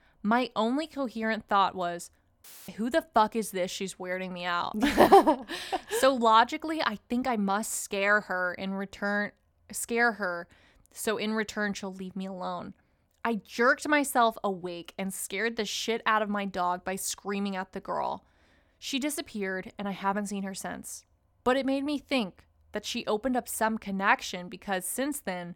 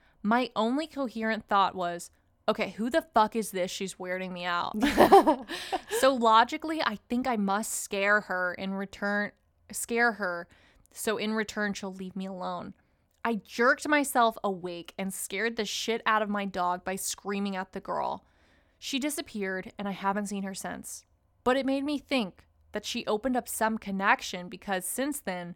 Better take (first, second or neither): second